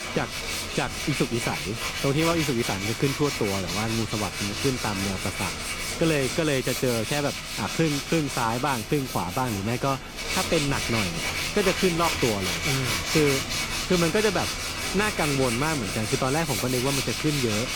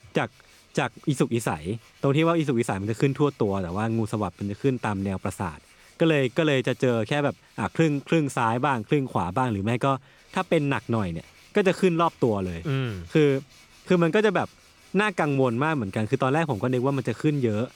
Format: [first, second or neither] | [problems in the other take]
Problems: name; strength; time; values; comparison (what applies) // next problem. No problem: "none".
second | machinery noise; loud; throughout; 1 dB below the speech; faint in the second